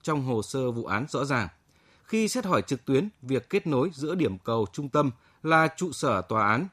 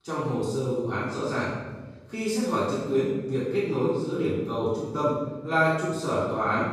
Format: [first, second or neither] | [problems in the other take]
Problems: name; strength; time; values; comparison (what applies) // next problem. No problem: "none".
first | off-mic speech; far // room echo; strong; dies away in 1.1 s